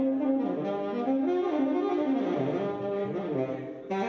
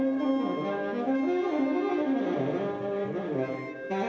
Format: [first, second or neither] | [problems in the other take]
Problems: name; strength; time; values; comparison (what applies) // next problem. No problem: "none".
first | background sound (Wind instrument, woodwind instrument); 14 dB below the speech